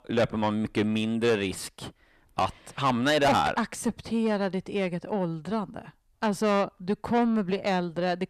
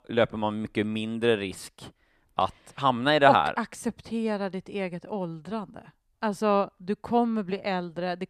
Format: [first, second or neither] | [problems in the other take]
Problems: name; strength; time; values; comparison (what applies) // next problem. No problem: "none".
second | distortion; heavy; 7 dB below the speech